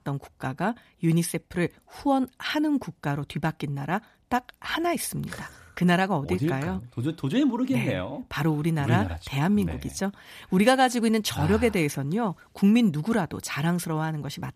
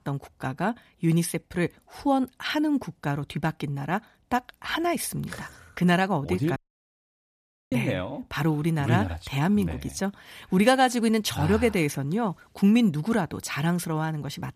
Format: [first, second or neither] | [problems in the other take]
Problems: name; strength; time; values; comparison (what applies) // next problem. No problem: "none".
first | audio cutting out; at 6.5 s for 1 s